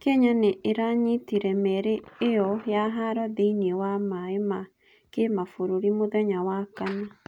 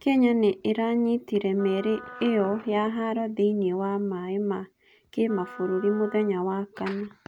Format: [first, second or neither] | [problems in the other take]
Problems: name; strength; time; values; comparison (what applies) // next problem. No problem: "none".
first | background sound (Wind instrument, woodwind instrument); 19 dB below the speech